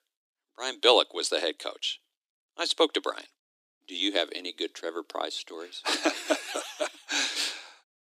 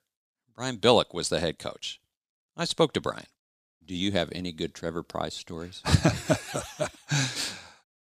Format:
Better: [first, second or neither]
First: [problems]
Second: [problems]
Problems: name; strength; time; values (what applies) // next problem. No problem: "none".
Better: second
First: thin; somewhat; fading below 300 Hz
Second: none